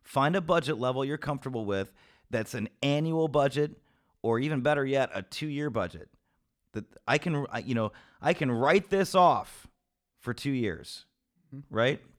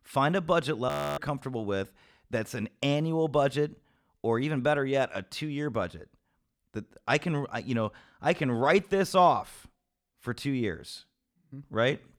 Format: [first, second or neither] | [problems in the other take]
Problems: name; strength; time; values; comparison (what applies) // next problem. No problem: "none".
first | audio freezing; at 1 s